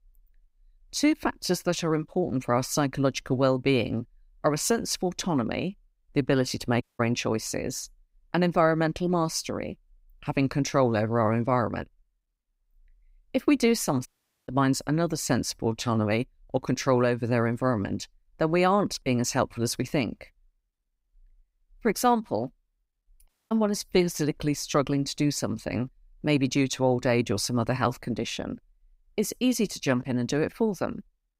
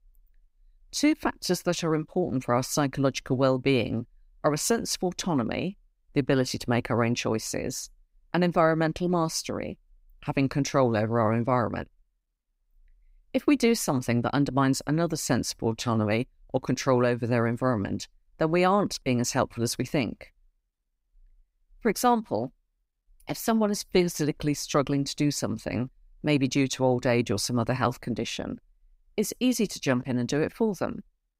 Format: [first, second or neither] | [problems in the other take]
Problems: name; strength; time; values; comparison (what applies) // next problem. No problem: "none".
second | audio cutting out; at 7 s, at 14 s and at 23 s